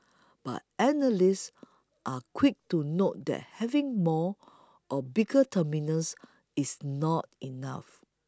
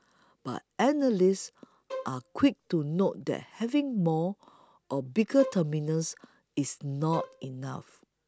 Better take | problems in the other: first | background sound (Bowed string instrument); 14 dB below the speech

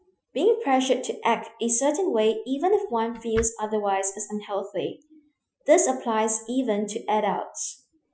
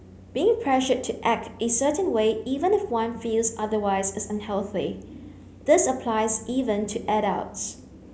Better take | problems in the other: second | noise reduction (classical method Wiener filter)

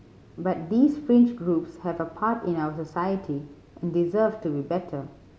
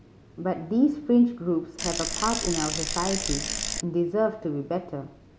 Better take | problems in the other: first | background sound (Bicycle); 3 dB below the speech

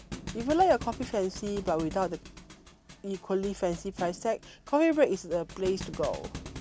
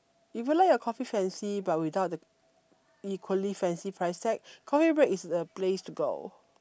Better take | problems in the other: second | background sound (Thump, thud); 13 dB below the speech

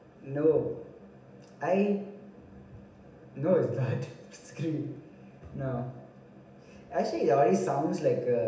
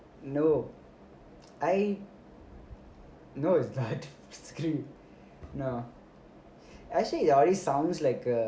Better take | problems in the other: second | room echo; dies away in 0.8 s

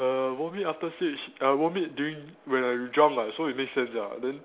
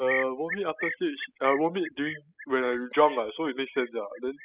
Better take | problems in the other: first | noise reduction (classical method spectral subtraction)

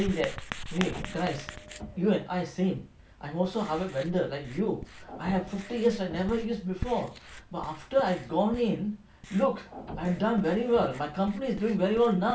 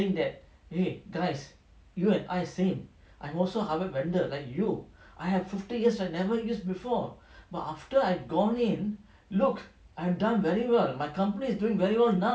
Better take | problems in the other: second | background sound (Writing + Printer); 13 dB below the speech

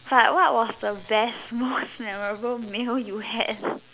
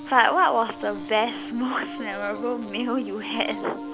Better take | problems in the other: first | background sound (Piano); 11 dB below the speech

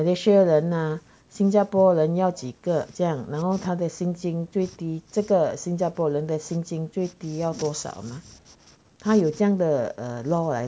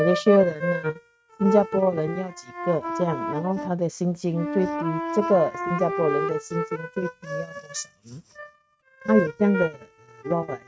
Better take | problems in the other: first | noise reduction (neural mask model RNNoise)

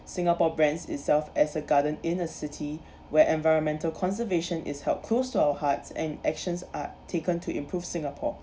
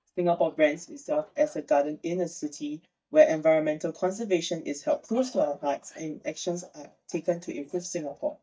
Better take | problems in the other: first | noise reduction (neural mask model DeepFilterNet 3)

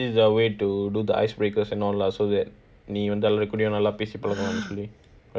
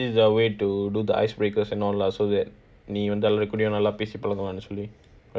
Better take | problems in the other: second | background sound (Gasp); 17 dB below the speech

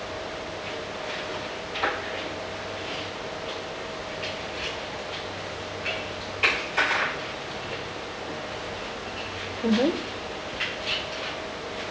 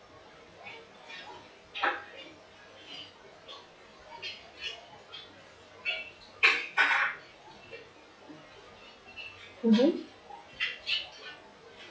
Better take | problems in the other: first | noise reduction (classical method log-MMSE)

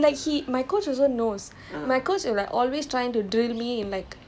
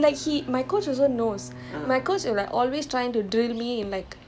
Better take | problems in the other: first | background sound (Bowed string instrument); 19 dB below the speech

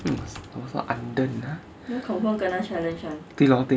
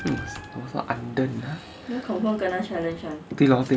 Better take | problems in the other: first | background sound (Squeak); 18 dB below the speech

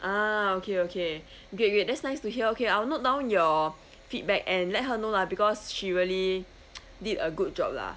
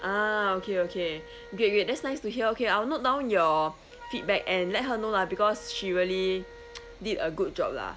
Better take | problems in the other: first | background sound (Wind instrument, woodwind instrument); 20 dB below the speech

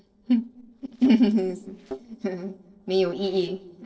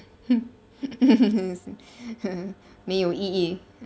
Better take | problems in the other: second | noise reduction (neural separator model SepFormer DNS4)

